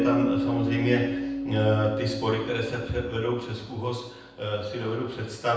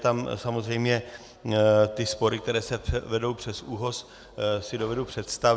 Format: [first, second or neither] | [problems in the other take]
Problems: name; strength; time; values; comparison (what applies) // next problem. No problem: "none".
second | background sound (Bass guitar); 4 dB below the speech // room echo; dies away in 0.9 s